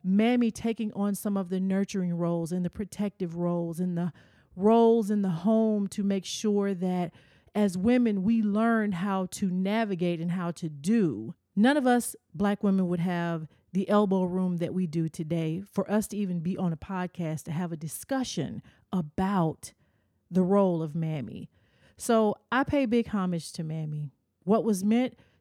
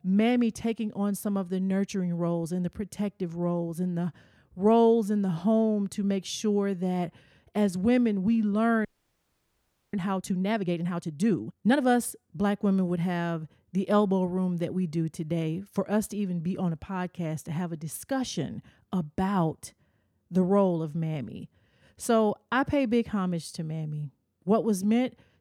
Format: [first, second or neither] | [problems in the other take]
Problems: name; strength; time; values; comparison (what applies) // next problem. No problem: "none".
first | audio freezing; at 9 s for 1 s